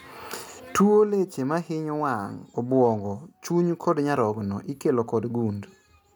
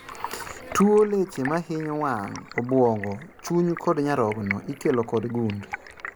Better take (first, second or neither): first